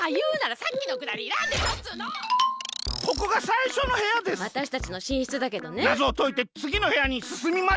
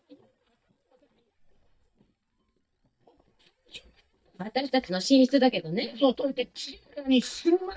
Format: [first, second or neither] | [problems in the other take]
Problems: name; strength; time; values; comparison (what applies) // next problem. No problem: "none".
first | noise reduction (neural mask model DeepFilterNet 3)